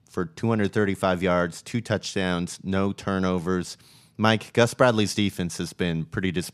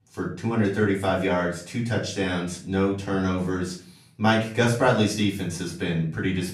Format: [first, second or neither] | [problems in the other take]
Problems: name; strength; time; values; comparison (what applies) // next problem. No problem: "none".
first | room echo; slight; dies away in 0.4 s // off-mic speech; far